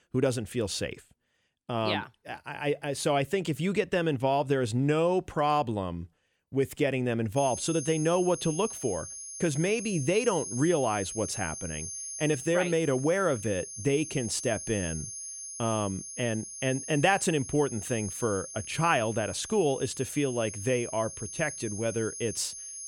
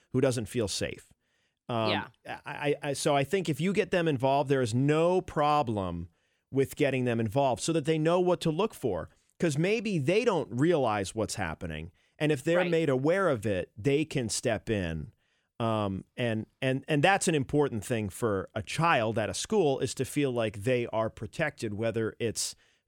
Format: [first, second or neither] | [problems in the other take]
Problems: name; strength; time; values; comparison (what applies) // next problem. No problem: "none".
second | high-pitched whine; loud; from 7.5 s on; 6.5 kHz, 9 dB below the speech